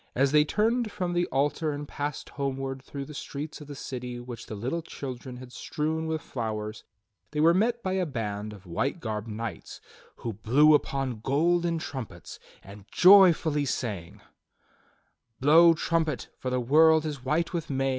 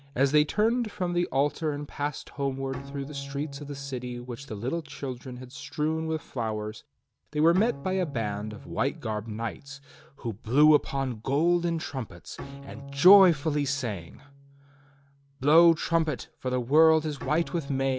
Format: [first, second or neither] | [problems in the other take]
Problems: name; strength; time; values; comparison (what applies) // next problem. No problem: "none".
first | background sound (Bowed string instrument); 17 dB below the speech